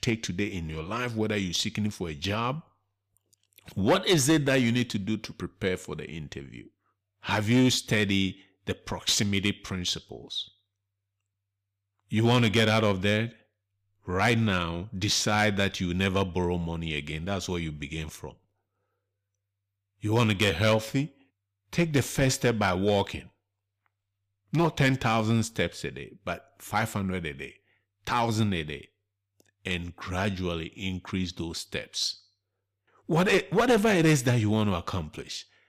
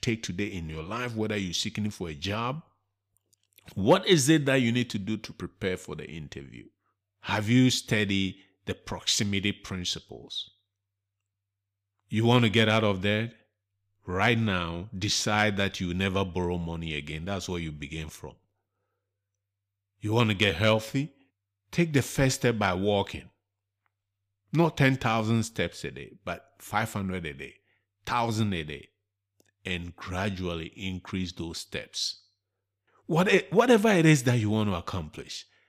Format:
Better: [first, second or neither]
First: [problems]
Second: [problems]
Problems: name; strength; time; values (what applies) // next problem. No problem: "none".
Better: second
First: distortion; slight; 3% of the sound clipped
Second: none